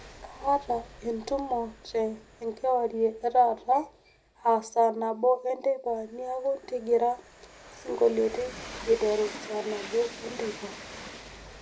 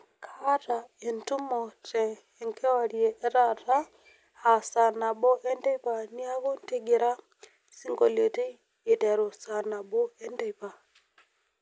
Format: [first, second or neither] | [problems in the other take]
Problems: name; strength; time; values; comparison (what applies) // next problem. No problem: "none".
second | background sound (Train); 17 dB below the speech // room echo; dies away in 0.4 s